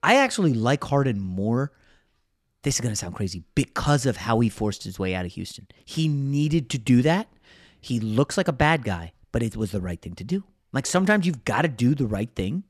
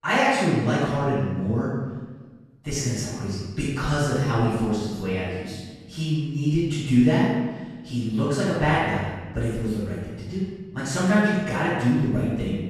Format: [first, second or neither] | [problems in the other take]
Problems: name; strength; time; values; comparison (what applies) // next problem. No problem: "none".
first | off-mic speech; far // room echo; strong; dies away in 1.1 s